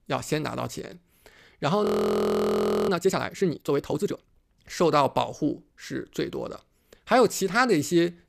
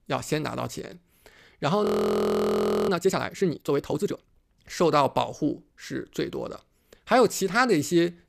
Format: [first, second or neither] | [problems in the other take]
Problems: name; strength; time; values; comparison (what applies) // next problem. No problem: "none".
neither | audio freezing; at 2 s for 1 s; the same in both